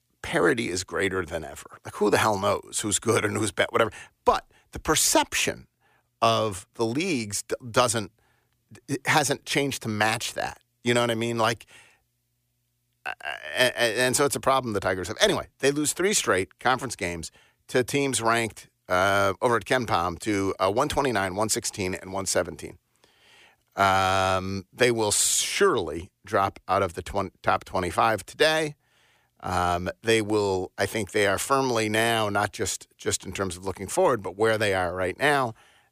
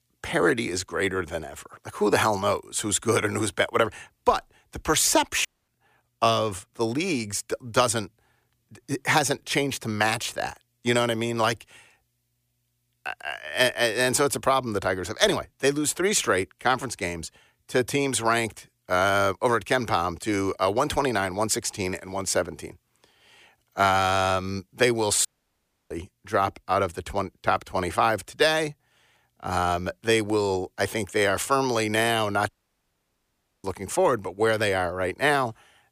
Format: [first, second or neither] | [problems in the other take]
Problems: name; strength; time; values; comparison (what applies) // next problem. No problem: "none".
first | audio cutting out; at 5.5 s, at 25 s for 0.5 s and at 32 s for 1 s